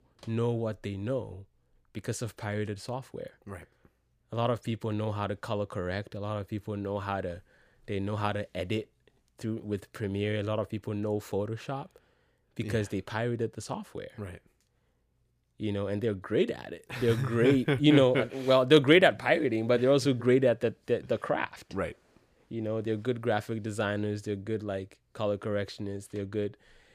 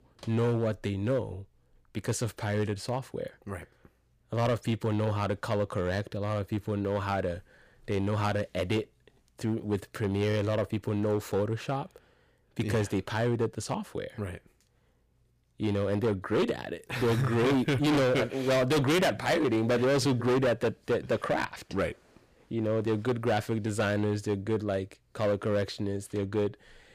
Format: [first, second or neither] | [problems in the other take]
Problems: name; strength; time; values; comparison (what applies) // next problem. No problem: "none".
first | distortion; heavy; 9% of the sound clipped